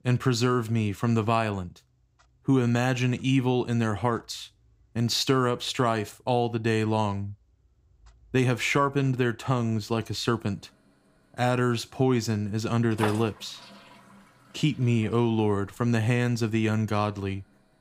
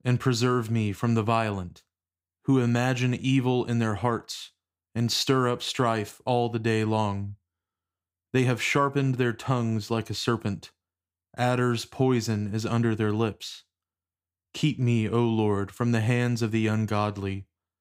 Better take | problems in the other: second | household noises; noticeable; throughout; 15 dB below the speech

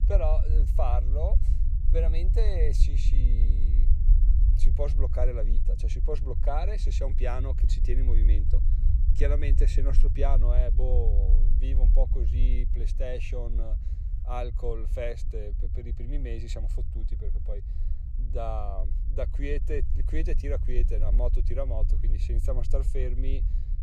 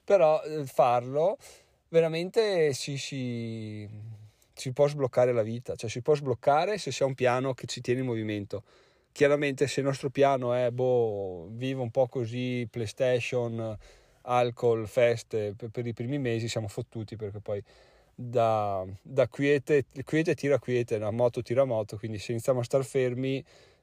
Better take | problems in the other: second | low rumble; noticeable; throughout; 10 dB below the speech

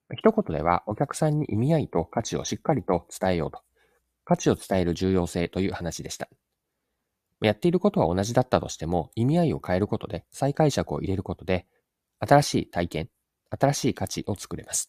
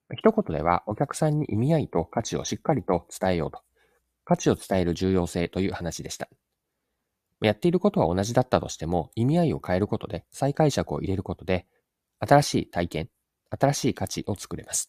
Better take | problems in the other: neither | none

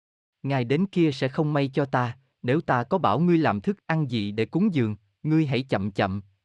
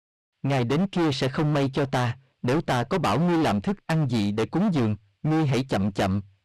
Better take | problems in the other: first | distortion; heavy; 27% of the sound clipped

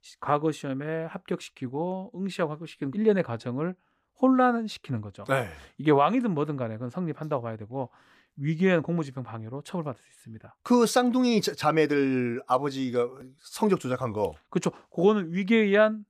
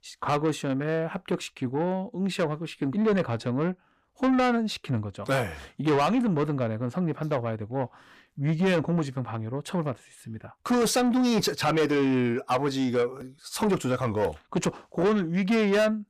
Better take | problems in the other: first | distortion; heavy; 8 dB below the speech

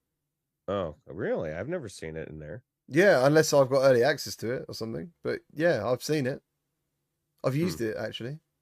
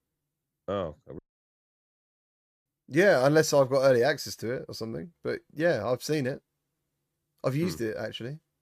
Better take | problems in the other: first | audio cutting out; at 1 s for 1.5 s

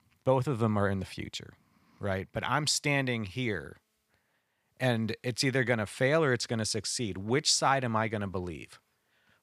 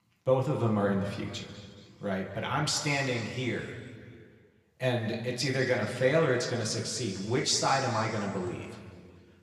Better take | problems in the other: first | room echo; noticeable; dies away in 2.1 s // off-mic speech; somewhat distant

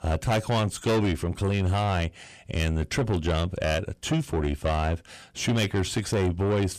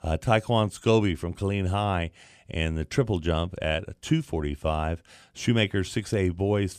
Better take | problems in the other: second | distortion; heavy; 7 dB below the speech

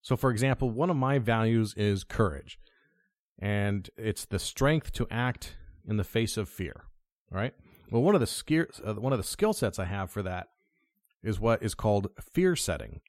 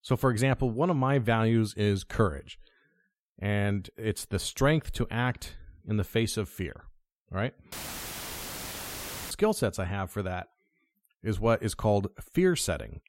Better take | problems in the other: first | audio cutting out; filled with static; at 7.5 s for 1.5 s

